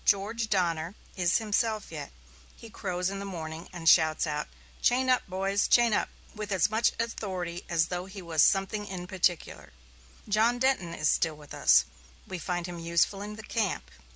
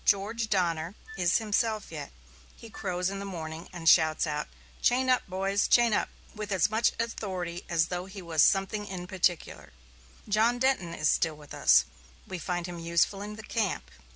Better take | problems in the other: first | background sound (Wind instrument, woodwind instrument); 20 dB below the speech

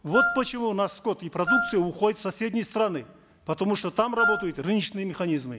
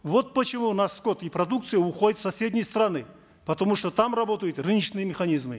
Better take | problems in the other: second | background sound (Wind instrument, woodwind instrument); as loud as the speech

